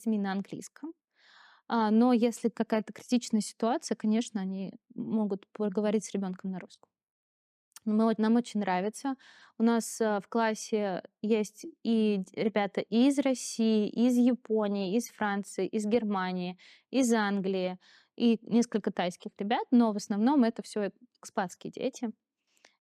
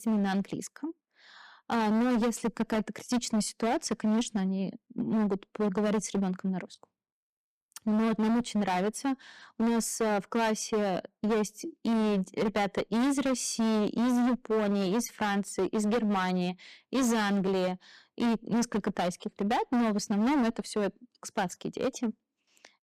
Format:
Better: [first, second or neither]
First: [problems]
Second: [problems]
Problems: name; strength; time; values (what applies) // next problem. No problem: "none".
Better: first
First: none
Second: distortion; heavy; 18% of the sound clipped